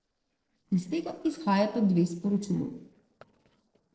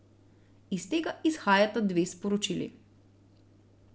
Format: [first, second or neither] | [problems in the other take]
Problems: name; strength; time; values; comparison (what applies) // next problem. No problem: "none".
second | noise reduction (neural separator model SepFormer DNS4)